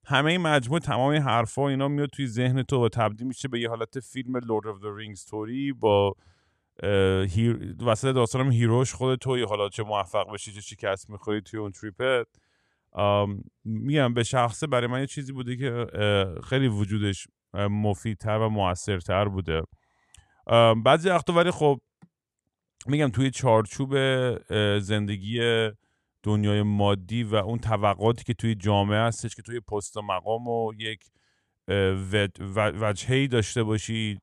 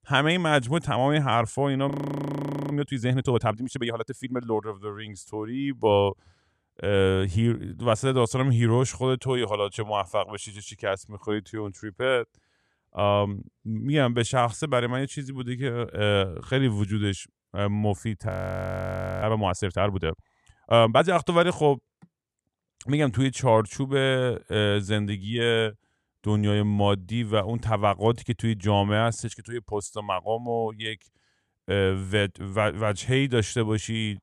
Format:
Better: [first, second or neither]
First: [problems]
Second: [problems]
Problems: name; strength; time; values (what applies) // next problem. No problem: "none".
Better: first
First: none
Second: audio freezing; at 2 s for 1 s and at 18 s for 1 s